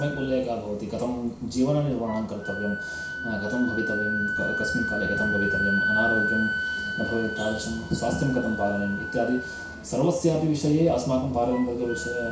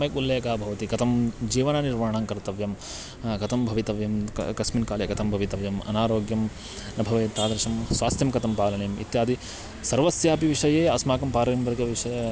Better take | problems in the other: second | background sound (Wind instrument, woodwind instrument); 5 dB below the speech // room echo; dies away in 0.6 s

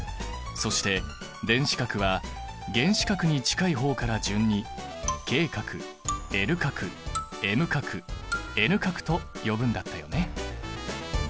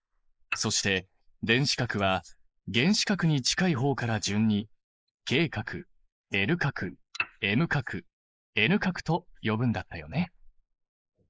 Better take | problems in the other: first | noise reduction (neural mask model Resemble Enhance denoiser)

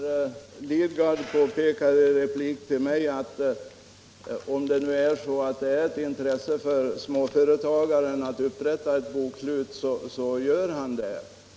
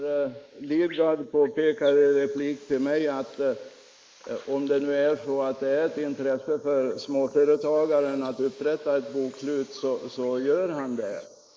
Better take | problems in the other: first | noise reduction (neural mask model Resemble Enhance denoiser)

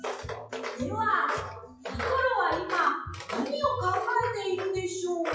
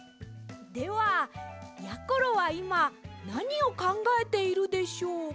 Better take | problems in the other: second | noise reduction (classical method WPE with log-MMSE)

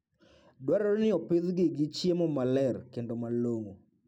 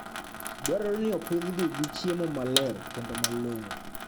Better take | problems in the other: first | background sound (Sink (filling or washing) / Water tap, faucet); 5 dB below the speech

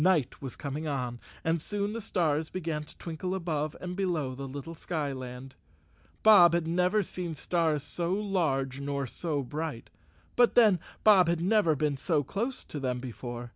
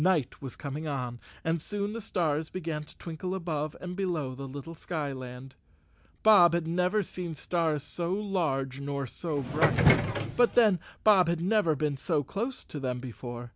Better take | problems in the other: first | background sound (Subway, metro, underground); 2 dB above the speech

